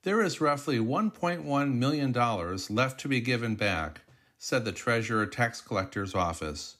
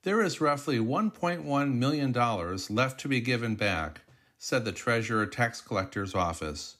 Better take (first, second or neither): neither